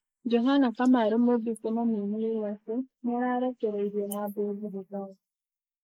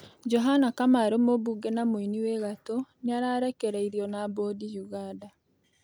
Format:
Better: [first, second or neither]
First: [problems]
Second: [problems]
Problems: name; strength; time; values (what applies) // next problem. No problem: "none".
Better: second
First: noise reduction (neural mask model Resemble Enhance denoiser)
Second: none